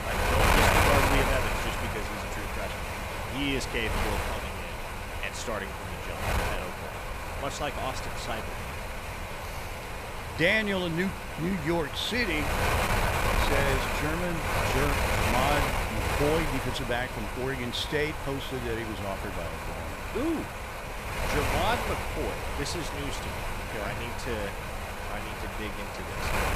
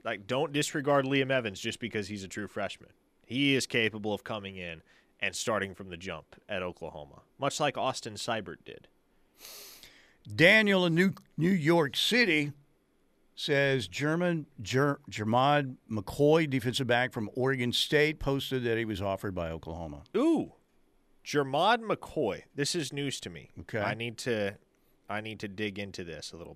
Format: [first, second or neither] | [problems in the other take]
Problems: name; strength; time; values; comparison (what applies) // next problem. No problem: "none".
second | wind noise on the microphone; heavy; 2 dB above the speech